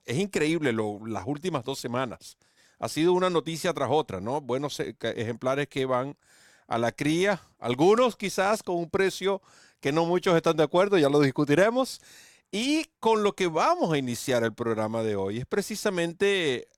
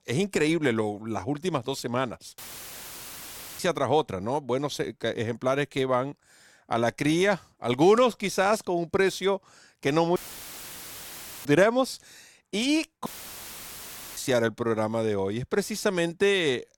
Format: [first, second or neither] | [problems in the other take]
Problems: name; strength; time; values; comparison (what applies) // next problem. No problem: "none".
first | audio cutting out; filled with static; at 2.5 s for 1 s, at 10 s for 1.5 s and at 13 s for 1 s